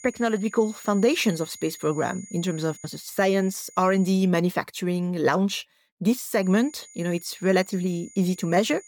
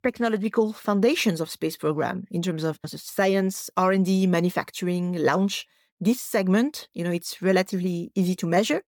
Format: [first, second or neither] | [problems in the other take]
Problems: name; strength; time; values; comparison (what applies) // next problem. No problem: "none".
second | high-pitched whine; noticeable; until 4 s and from 6.5 s on; 7 kHz, 20 dB below the speech